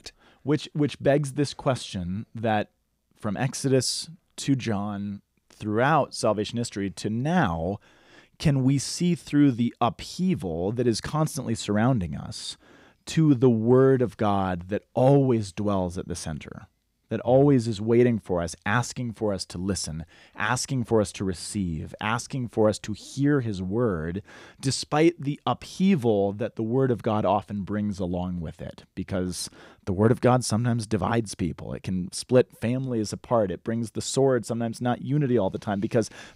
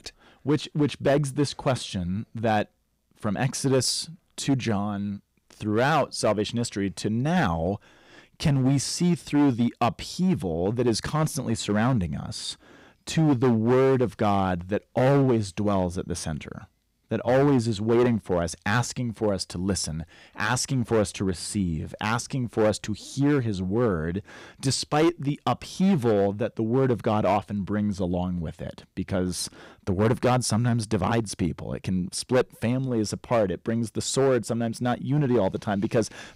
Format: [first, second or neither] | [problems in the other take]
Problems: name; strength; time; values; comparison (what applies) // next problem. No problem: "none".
first | distortion; slight; 6% of the sound clipped